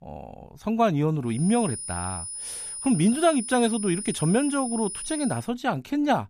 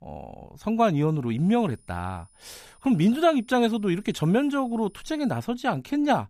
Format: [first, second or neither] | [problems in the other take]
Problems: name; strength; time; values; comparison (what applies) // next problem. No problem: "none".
second | high-pitched whine; loud; from 1.5 to 5.5 s; 9.5 kHz, 7 dB below the speech; faint in the second